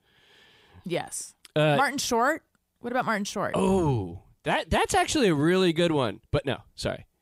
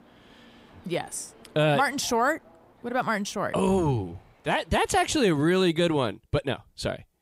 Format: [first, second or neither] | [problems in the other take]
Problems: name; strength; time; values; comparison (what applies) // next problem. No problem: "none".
first | train or aircraft noise; faint; until 5.5 s; 30 dB below the speech